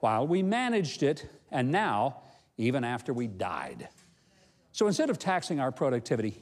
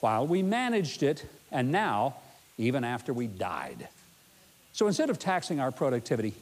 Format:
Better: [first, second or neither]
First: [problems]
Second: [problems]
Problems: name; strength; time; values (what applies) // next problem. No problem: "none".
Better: first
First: none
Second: hiss; faint; throughout; 25 dB below the speech